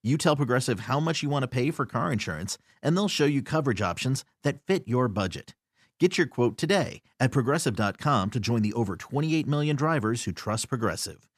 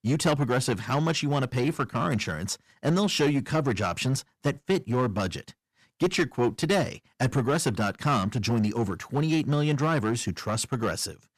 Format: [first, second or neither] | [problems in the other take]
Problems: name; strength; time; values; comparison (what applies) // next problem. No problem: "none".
first | distortion; slight; 6% of the sound clipped